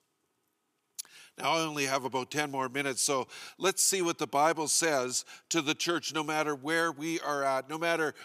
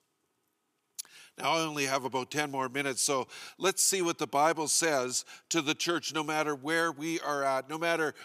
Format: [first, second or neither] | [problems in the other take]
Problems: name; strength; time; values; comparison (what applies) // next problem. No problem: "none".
neither | thin; very slightly; fading below 950 Hz; the same in both